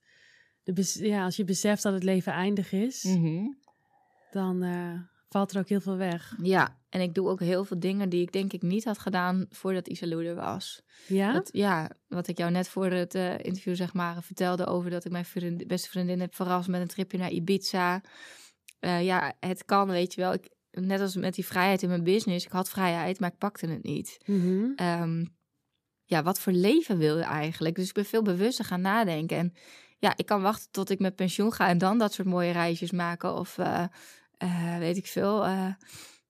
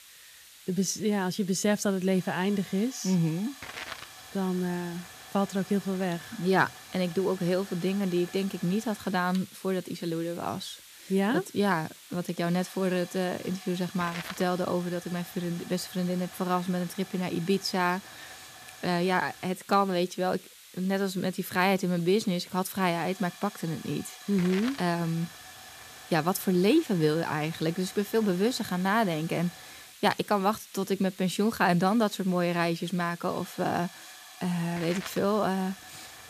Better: first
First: none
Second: hiss; noticeable; throughout; 15 dB below the speech

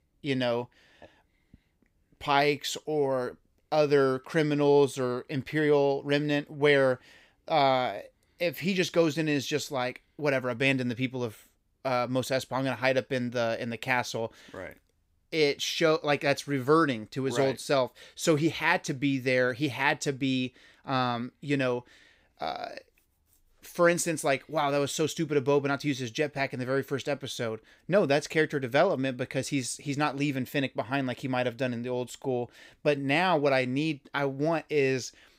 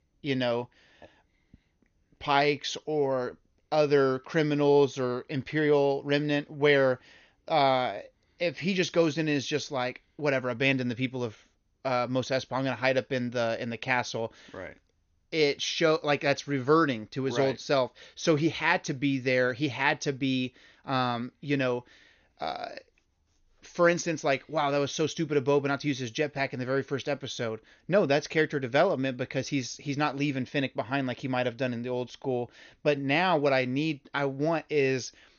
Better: first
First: none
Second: garbled, watery; slightly; nothing above 6.5 kHz

